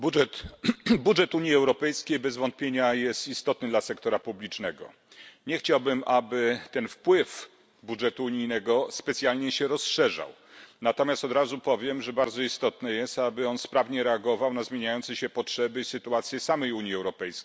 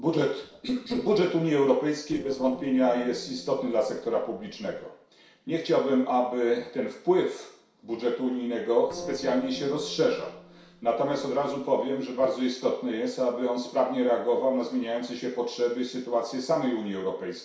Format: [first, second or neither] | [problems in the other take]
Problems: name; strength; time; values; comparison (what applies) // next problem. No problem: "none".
first | noise reduction (neural separator model SepFormer DNS4)